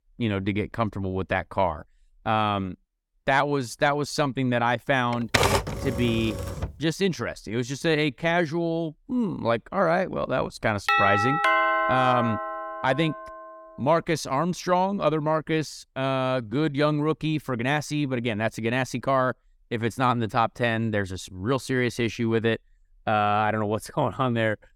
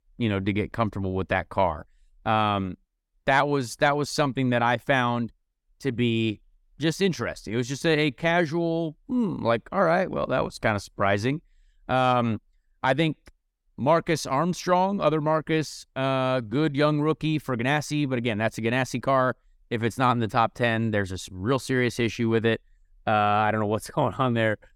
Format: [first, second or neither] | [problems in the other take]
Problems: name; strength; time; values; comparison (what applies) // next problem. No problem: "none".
second | keyboard typing; loud; from 5 to 6.5 s; peak 4 dB above the speech // doorbell; loud; from 11 to 13 s; peak 5 dB above the speech